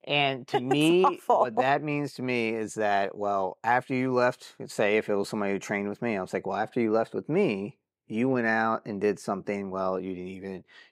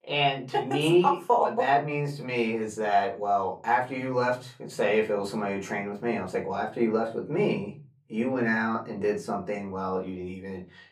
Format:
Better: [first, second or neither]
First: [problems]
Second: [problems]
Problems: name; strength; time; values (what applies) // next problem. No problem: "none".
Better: first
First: none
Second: off-mic speech; far // room echo; very slight; dies away in 0.3 s